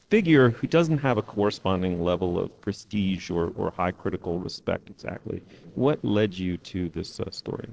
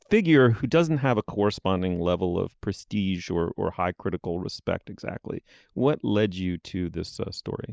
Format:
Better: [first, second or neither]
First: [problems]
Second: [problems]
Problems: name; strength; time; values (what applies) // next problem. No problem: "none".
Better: second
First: noise reduction (neural separator model SepFormer DNS4)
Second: none